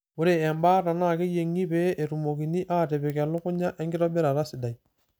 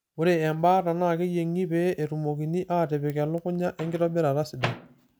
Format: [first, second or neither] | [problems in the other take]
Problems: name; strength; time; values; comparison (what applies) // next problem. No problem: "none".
first | background sound (Microwave oven); 17 dB below the speech